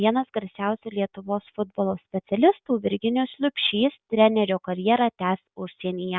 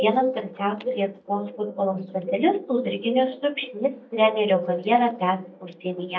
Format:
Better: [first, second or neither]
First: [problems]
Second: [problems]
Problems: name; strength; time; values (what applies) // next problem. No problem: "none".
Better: first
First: none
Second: noise reduction (neural mask model DeepFilterNet 3)